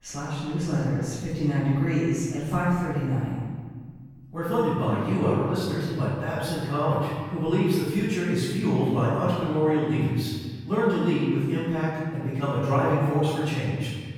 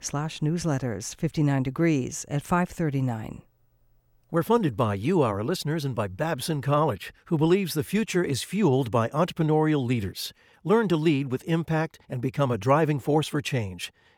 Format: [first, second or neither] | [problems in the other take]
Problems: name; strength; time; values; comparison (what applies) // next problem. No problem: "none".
second | off-mic speech; far // room echo; strong; dies away in 1.6 s